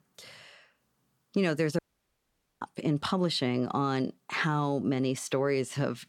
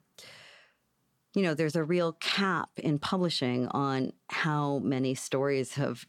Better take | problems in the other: second | audio cutting out; at 2 s for 1 s

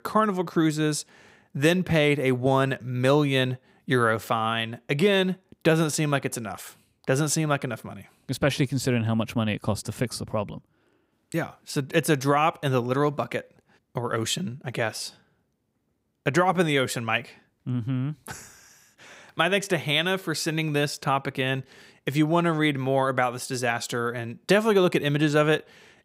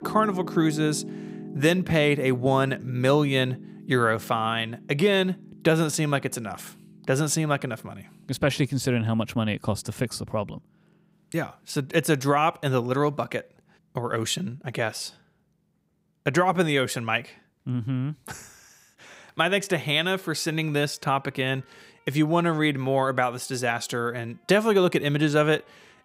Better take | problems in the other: first | background music; noticeable; throughout; 15 dB below the speech

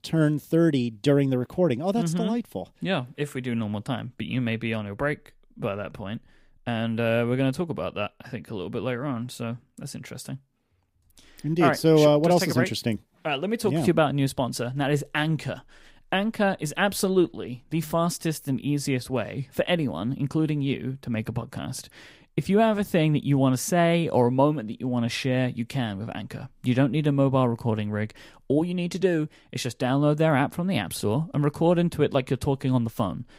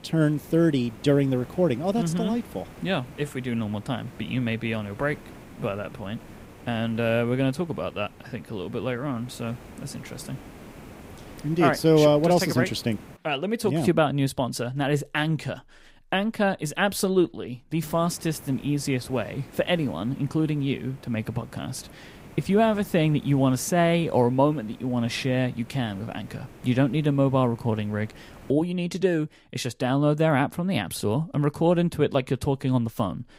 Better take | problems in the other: first | hiss; faint; until 13 s and from 18 to 29 s; 20 dB below the speech

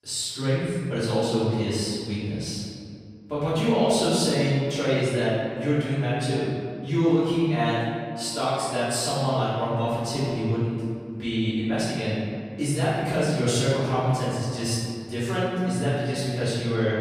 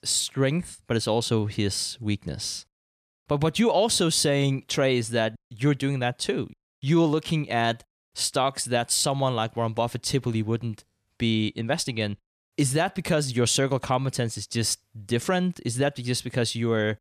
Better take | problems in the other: second | room echo; strong; dies away in 2.2 s // off-mic speech; far

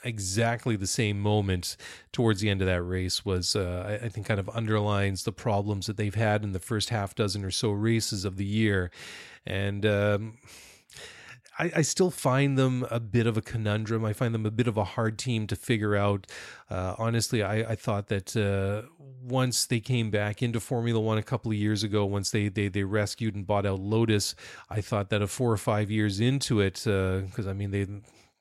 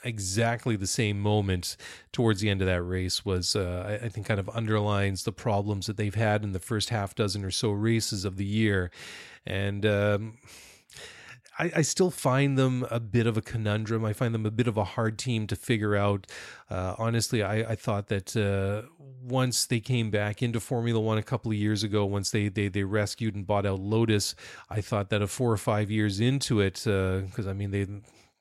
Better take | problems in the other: neither | none

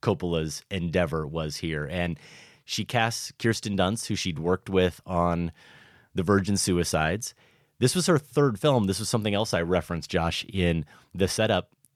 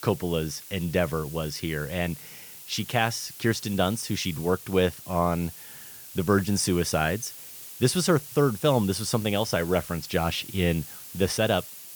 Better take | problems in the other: first | hiss; noticeable; throughout; 15 dB below the speech

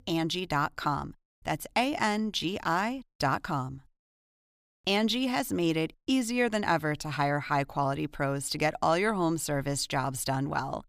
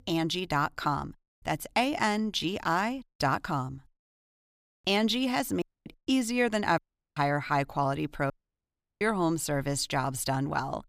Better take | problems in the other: first | audio cutting out; at 5.5 s, at 7 s and at 8.5 s for 0.5 s

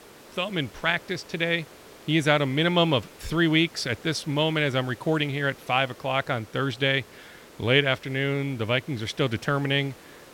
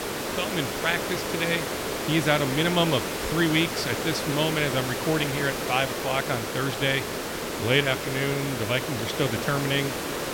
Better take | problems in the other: first | hiss; loud; throughout; 3 dB below the speech; faint in the first

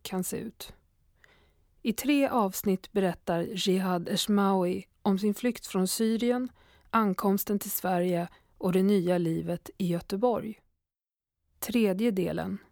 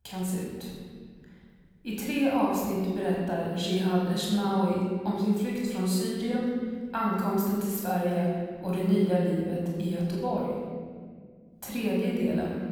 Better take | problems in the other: first | room echo; noticeable; dies away in 1.9 s // off-mic speech; far

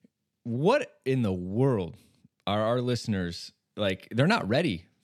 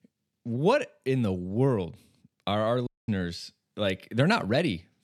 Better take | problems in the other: first | audio cutting out; at 3 s

